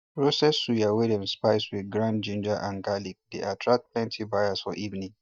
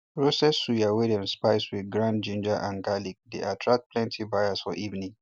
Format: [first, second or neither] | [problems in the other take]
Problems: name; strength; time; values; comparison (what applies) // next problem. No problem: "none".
second | noise reduction (neural mask model DeepFilterNet 3)